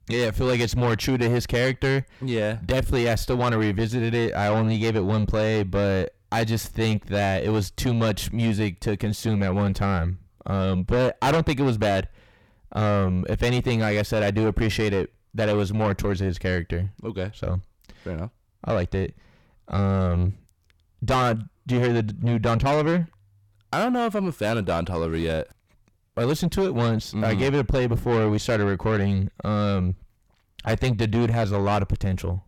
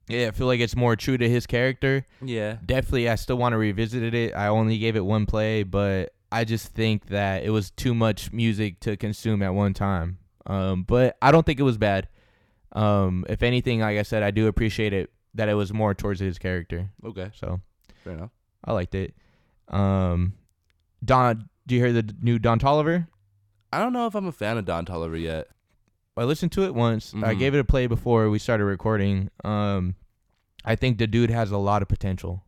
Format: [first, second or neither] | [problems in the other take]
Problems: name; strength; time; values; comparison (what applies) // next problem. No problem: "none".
second | distortion; heavy; 7 dB below the speech